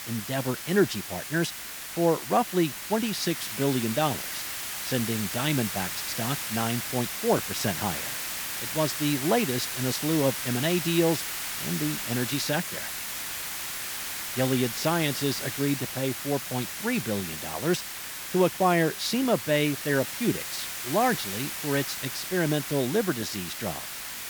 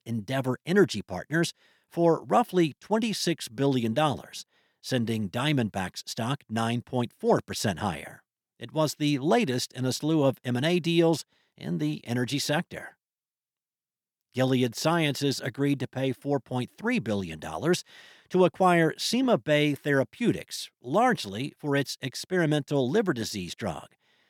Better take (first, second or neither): second